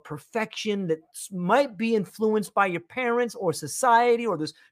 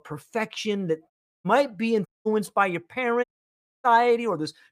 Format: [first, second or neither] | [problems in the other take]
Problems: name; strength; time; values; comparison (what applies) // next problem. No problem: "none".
first | audio cutting out; at 1 s, at 2 s and at 3 s for 0.5 s